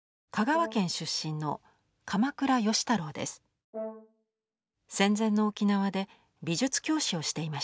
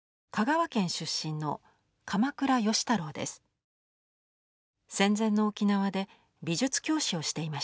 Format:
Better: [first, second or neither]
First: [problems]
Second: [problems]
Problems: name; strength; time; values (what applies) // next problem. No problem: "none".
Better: second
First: background sound (Brass instrument); 14 dB below the speech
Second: none